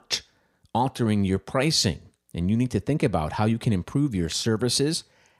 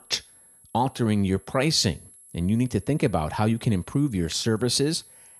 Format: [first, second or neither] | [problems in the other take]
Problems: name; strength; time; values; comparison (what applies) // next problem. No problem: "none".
first | high-pitched whine; faint; throughout; 11 kHz, 25 dB below the speech